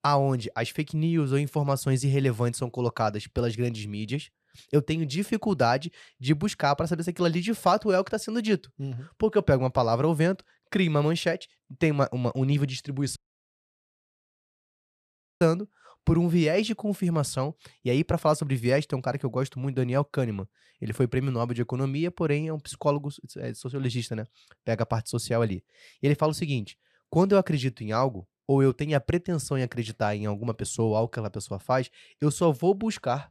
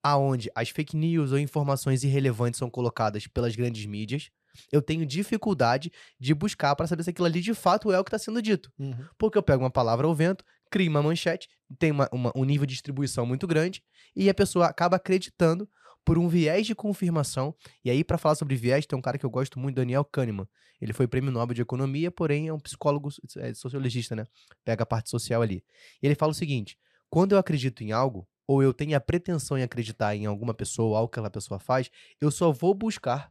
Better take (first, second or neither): second